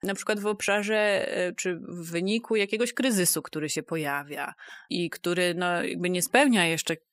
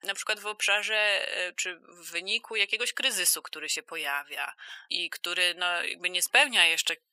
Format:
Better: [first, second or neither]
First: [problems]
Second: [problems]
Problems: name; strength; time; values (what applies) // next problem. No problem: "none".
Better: first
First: none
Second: thin; very; fading below 850 Hz